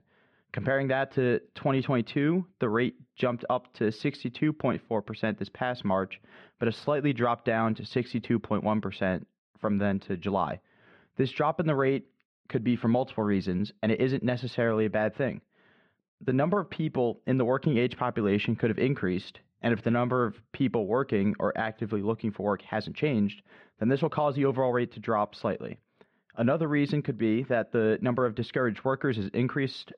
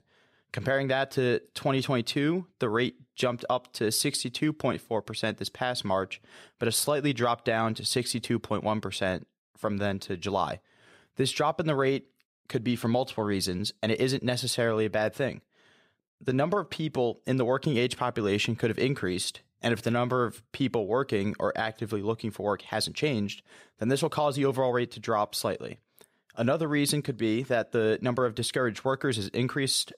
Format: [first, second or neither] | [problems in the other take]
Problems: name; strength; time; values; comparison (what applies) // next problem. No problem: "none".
second | muffled; slightly; fading above 2.5 kHz